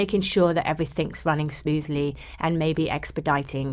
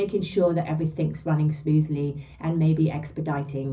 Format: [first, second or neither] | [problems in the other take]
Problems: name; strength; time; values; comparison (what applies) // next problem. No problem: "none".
first | room echo; dies away in 0.4 s